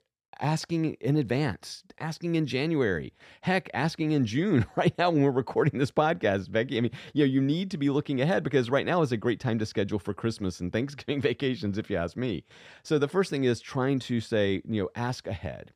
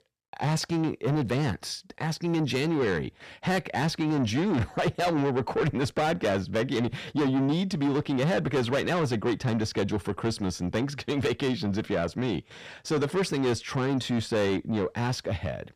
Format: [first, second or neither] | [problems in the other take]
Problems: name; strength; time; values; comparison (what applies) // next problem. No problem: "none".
first | distortion; heavy; 7 dB below the speech